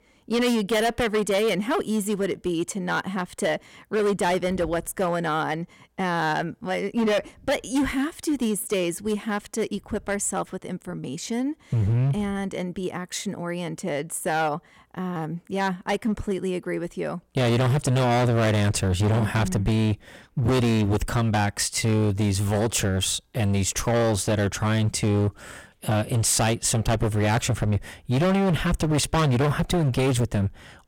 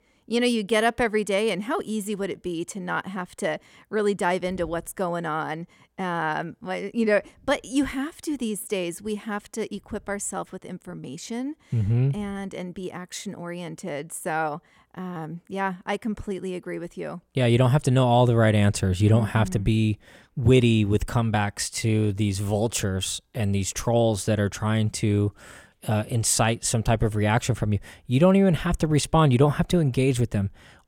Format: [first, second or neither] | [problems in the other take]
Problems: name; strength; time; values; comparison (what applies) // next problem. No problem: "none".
second | distortion; heavy; 16% of the sound clipped